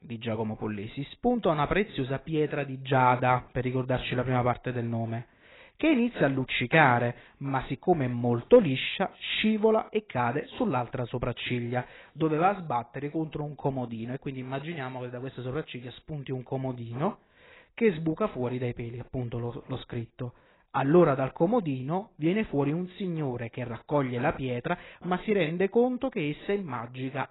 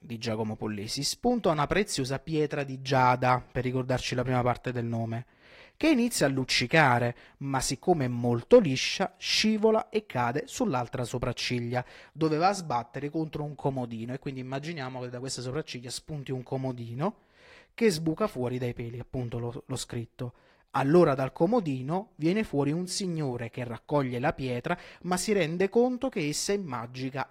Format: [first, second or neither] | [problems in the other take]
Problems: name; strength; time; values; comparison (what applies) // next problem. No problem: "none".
second | garbled, watery; badly; nothing above 4 kHz; slightly in the second